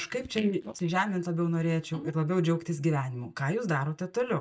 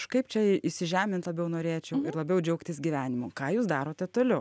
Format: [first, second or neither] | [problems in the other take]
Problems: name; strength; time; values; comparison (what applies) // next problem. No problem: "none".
second | noise reduction (neural mask model DeepFilterNet 3)